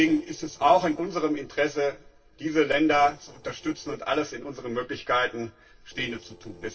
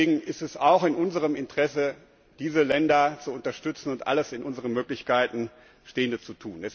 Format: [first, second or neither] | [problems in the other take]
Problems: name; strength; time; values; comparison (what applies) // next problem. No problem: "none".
second | noise reduction (neural separator model SepFormer DNS4)